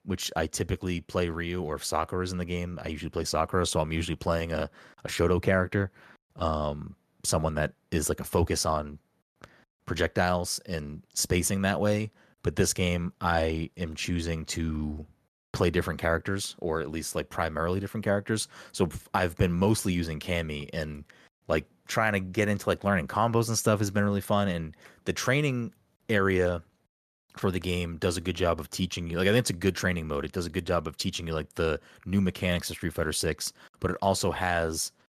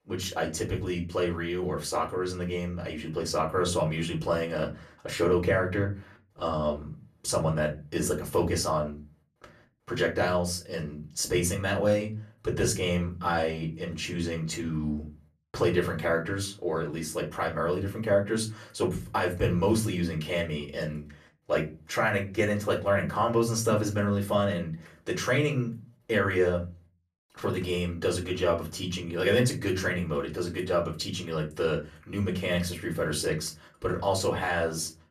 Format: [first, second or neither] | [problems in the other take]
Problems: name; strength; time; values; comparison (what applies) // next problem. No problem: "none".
first | off-mic speech; far // room echo; very slight; dies away in 0.3 s